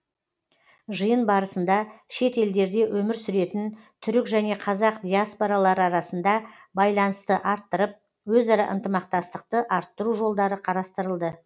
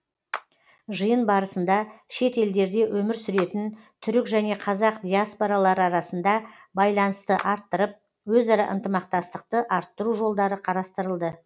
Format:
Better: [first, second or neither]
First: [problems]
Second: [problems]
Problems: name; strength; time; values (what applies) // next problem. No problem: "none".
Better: first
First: none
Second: background sound (Clapping); 18 dB below the speech